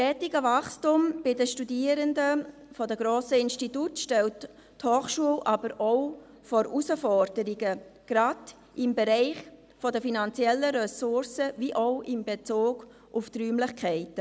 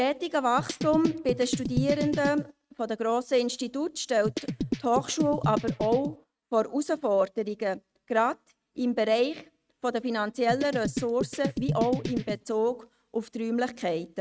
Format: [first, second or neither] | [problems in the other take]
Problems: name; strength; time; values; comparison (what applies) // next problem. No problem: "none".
first | noise reduction (neural mask model RNNoise)